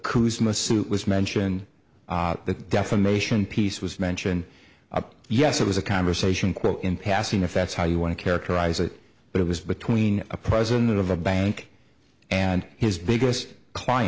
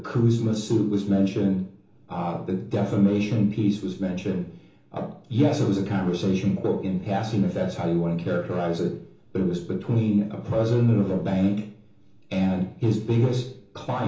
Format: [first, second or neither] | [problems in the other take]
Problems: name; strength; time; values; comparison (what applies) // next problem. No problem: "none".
first | room echo; dies away in 1.2 s